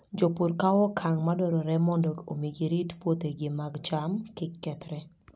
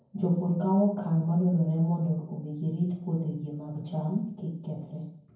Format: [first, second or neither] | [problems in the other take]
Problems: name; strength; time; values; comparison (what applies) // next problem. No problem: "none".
first | room echo; dies away in 0.9 s